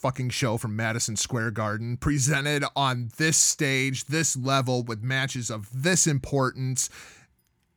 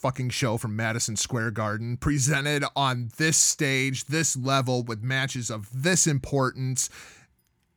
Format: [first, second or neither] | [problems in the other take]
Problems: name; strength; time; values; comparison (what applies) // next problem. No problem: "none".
neither | none